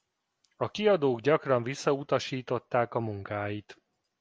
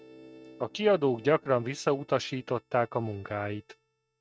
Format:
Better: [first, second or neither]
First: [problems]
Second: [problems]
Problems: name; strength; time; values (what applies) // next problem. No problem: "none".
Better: first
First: none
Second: noise reduction (neural mask model RNNoise)